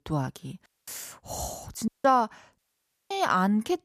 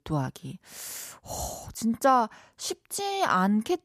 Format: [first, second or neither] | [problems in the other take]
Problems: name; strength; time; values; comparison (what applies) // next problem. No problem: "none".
second | audio cutting out; at 0.5 s, at 2 s and at 2.5 s for 0.5 s